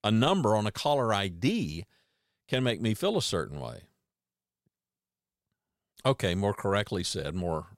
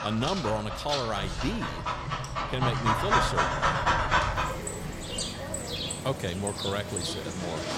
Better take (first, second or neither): first